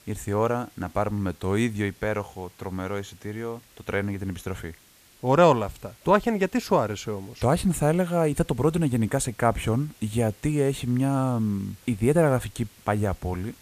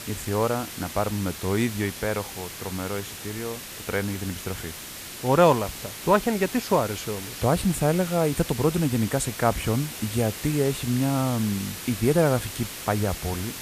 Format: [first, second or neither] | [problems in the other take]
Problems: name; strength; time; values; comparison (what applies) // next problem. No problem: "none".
first | hiss; loud; throughout; 9 dB below the speech; faint in the first